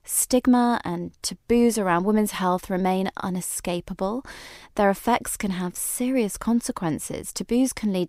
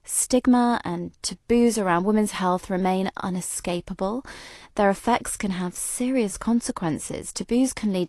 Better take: first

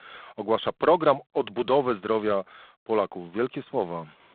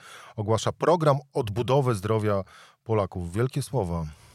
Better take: second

